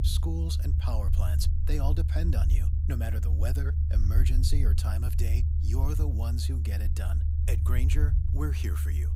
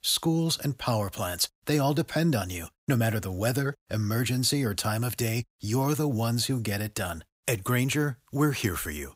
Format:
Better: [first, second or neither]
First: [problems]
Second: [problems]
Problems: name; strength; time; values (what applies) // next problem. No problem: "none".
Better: second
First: low rumble; loud; throughout; 4 dB below the speech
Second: none